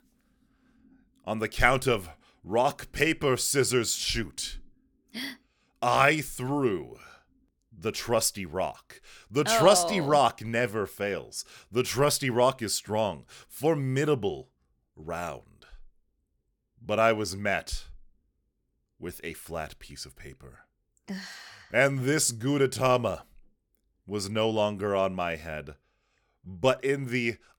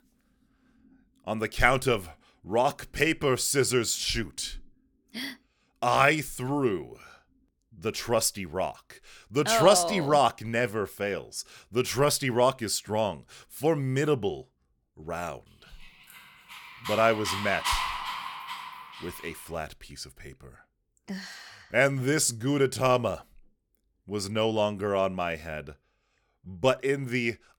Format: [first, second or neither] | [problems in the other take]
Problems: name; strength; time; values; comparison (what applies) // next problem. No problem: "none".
first | dog barking; noticeable; from 17 to 19 s; peak 1 dB below the speech